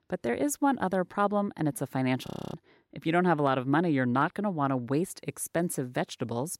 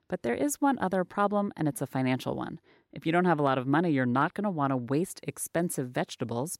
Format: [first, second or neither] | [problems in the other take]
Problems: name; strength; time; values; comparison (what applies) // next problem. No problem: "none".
second | audio freezing; at 2.5 s